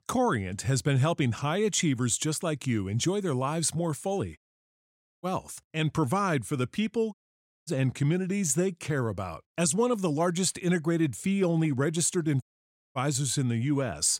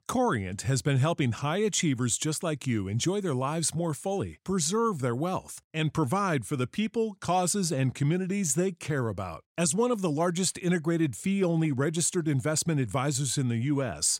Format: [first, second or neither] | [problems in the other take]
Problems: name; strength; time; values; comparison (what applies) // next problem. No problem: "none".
second | audio cutting out; at 4.5 s for 1 s, at 7 s for 0.5 s and at 12 s for 0.5 s